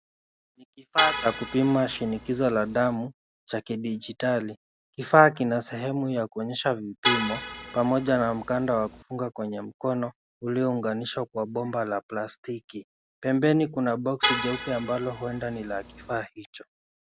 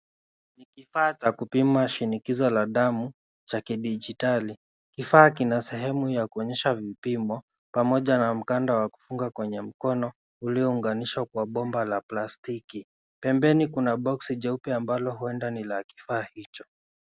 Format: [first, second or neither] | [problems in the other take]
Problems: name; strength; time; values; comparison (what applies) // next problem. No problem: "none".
second | background sound (Vehicle horn, car horn, honking); 5 dB below the speech